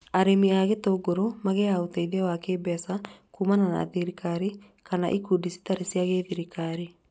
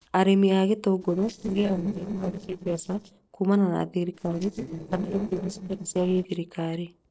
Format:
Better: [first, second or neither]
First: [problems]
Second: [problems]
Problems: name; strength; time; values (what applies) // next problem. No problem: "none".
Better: first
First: none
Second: noise reduction (neural separator model SepFormer DNS4)